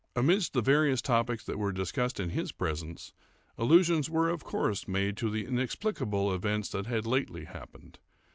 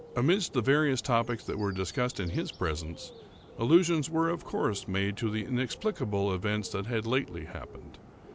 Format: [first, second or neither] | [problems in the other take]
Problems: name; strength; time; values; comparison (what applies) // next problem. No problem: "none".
first | background sound (Bird); 19 dB below the speech